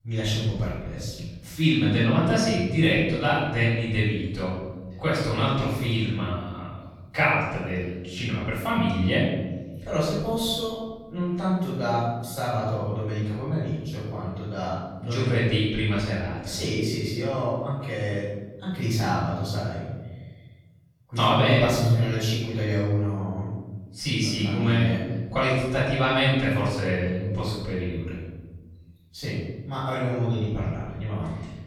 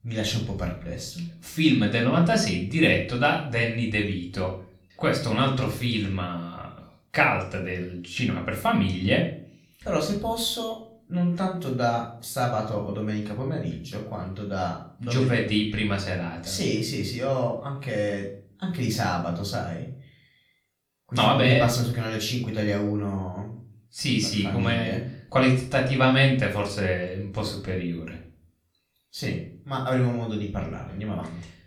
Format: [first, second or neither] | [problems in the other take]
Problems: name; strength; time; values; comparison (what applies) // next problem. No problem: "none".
second | room echo; strong; dies away in 1.4 s; slight in the second // off-mic speech; far; far in the second